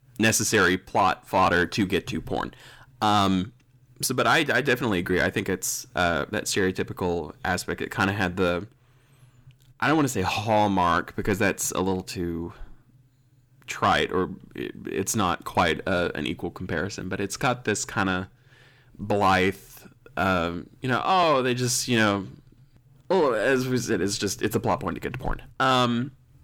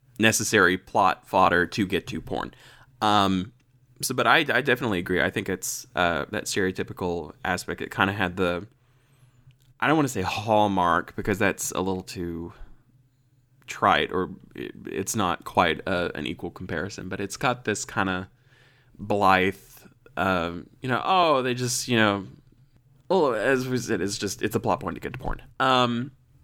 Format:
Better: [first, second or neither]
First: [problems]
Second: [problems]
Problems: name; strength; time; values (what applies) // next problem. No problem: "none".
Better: second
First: distortion; slight; 10 dB below the speech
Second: none